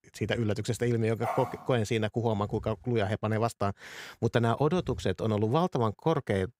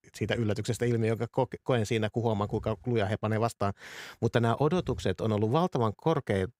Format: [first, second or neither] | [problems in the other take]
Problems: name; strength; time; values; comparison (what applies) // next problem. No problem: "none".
second | dog barking; noticeable; at 1 s; peak 6 dB below the speech